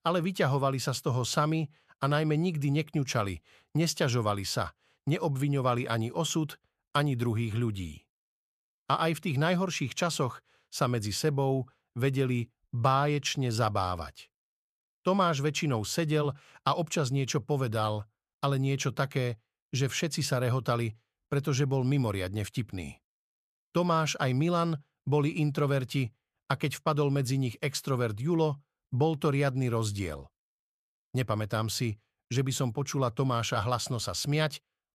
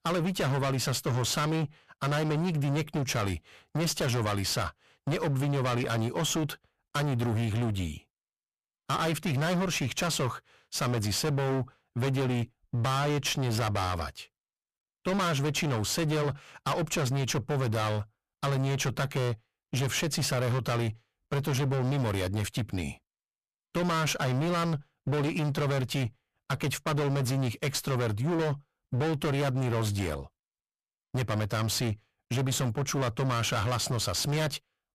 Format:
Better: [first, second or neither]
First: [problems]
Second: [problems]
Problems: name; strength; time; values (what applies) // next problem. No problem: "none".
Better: first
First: none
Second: distortion; heavy; 33% of the sound clipped